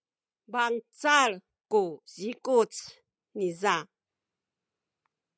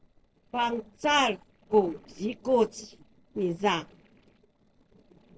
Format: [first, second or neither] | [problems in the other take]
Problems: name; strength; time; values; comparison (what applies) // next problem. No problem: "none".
first | noise reduction (neural separator model SepFormer DNS4)